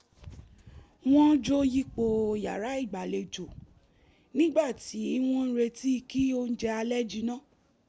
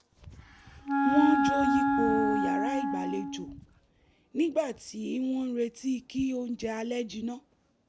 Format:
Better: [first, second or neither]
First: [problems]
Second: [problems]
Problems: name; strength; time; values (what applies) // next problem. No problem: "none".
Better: first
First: none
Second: background sound (Wind instrument, woodwind instrument); 4 dB above the speech